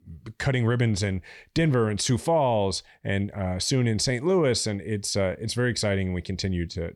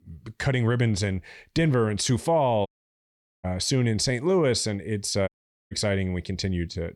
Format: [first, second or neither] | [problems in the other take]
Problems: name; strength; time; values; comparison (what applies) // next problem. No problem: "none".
first | audio cutting out; at 2.5 s for 1 s and at 5.5 s